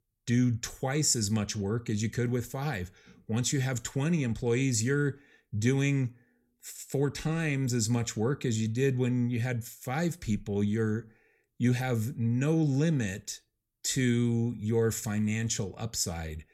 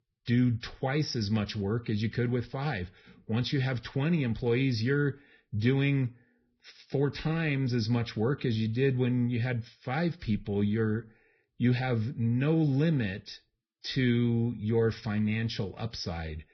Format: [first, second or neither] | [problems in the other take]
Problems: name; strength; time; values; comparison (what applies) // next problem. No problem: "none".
first | garbled, watery; badly; nothing above 5.5 kHz